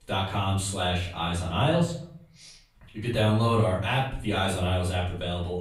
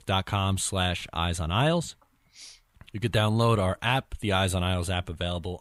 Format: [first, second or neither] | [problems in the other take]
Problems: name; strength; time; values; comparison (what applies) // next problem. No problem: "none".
second | off-mic speech; far // room echo; noticeable; dies away in 0.5 s